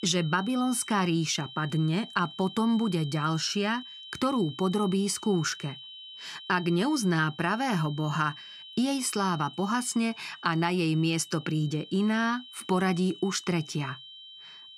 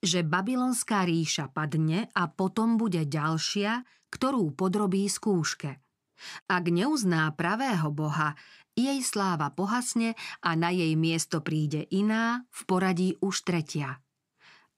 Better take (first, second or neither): second